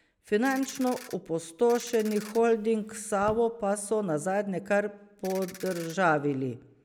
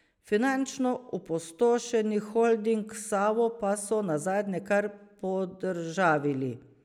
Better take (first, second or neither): second